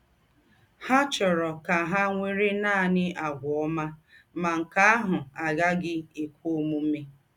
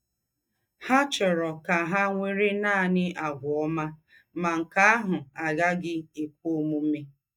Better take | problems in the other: first | noise reduction (neural mask model DeepFilterNet 3)

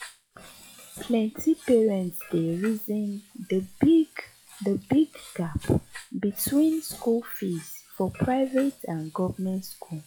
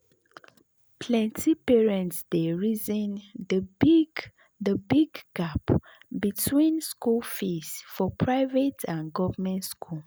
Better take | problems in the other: second | noise reduction (classical method log-MMSE)

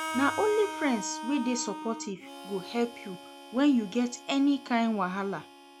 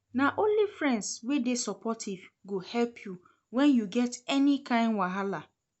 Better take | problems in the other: second | background sound (Harmonica); 11 dB below the speech

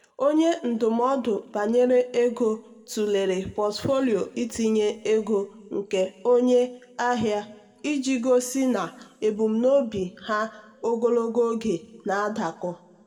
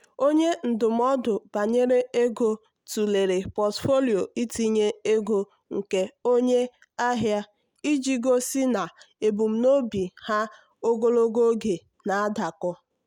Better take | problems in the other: second | room echo; dies away in 1.5 s

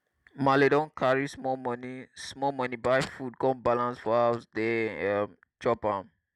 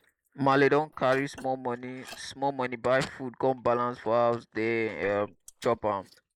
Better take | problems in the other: first | noise reduction (neural mask model Resemble Enhance denoiser)

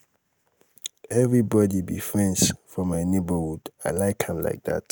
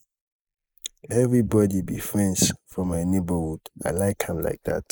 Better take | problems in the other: first | noise reduction (neural mask model Resemble Enhance denoiser)

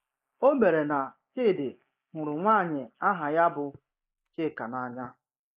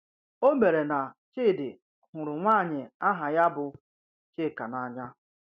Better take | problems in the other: second | noise reduction (neural mask model Resemble Enhance denoiser)

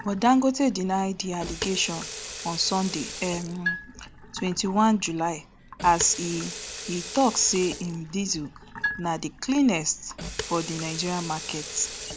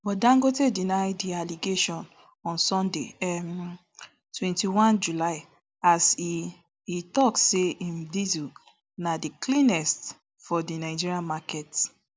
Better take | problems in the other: second | background sound (Sink (filling or washing) / Water tap, faucet + Marimba, xylophone); 10 dB below the speech

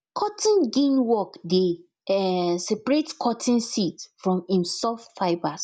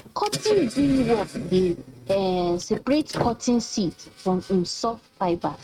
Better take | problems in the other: first | noise reduction (neural mask model RNNoise)

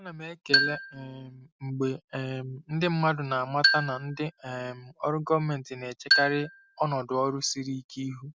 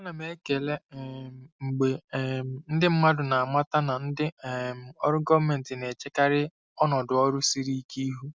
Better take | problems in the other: second | background sound (Marimba, xylophone); as loud as the speech

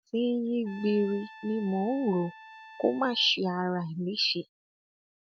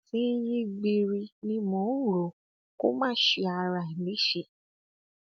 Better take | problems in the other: second | background sound (Trumpet); 20 dB below the speech

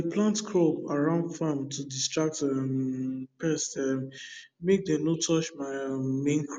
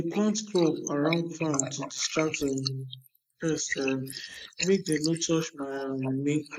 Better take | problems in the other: first | noise reduction (neural mask model Resemble Enhance denoiser)

